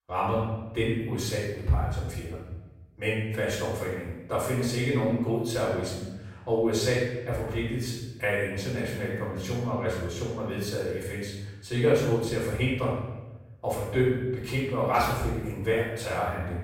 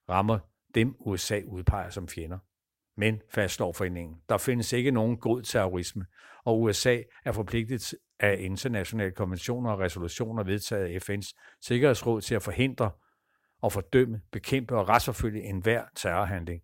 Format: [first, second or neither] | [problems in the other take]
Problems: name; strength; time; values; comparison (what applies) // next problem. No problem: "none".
second | off-mic speech; far // room echo; noticeable; dies away in 0.9 s